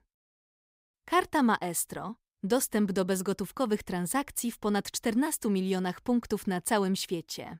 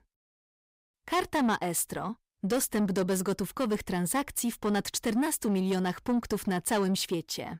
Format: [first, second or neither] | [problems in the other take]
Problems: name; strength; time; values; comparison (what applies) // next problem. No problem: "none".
first | distortion; slight; 10 dB below the speech